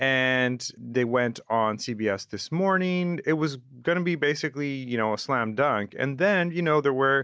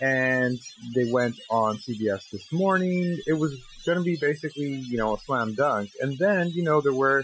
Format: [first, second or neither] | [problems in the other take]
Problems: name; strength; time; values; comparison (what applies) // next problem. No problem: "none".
first | noise reduction (classical method Wiener filter)